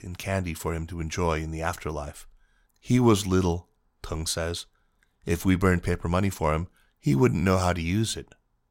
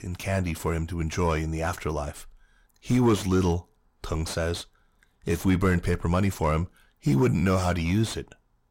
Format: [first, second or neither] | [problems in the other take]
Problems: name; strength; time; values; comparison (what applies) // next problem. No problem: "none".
first | distortion; slight; 10 dB below the speech